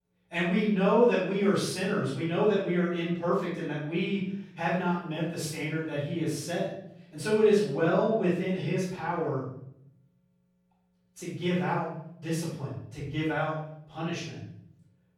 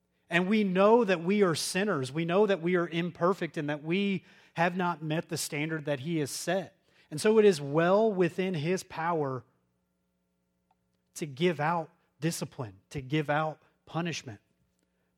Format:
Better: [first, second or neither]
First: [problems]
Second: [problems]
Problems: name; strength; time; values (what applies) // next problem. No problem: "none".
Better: second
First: off-mic speech; far // room echo; noticeable; dies away in 0.7 s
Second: none